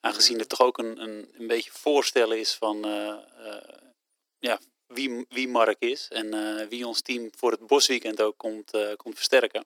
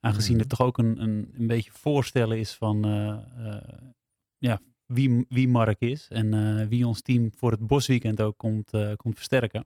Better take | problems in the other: second | thin; very; fading below 350 Hz

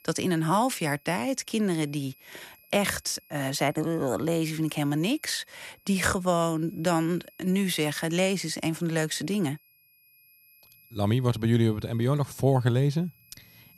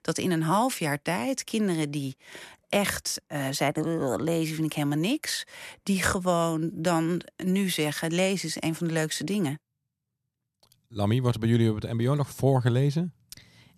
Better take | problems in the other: second | high-pitched whine; faint; throughout; 11.5 kHz, 30 dB below the speech

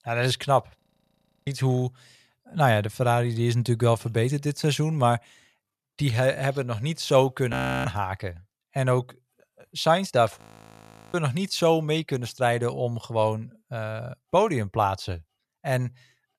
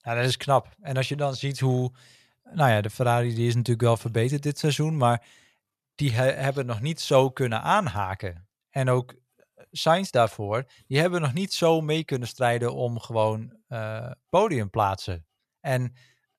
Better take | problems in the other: second | audio freezing; at 1 s for 0.5 s, at 7.5 s and at 10 s for 1 s

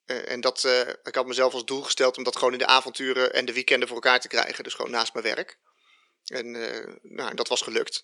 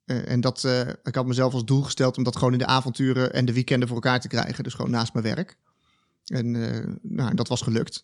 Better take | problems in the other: second | thin; very; fading below 400 Hz

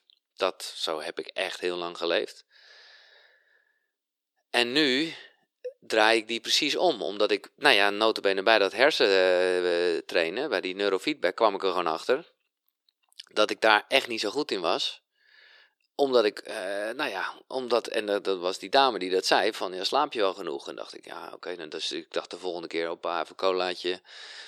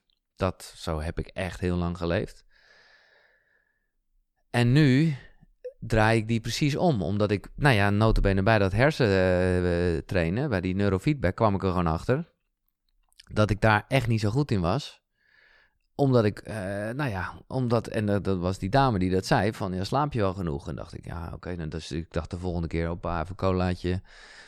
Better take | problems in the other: second | thin; very; fading below 350 Hz

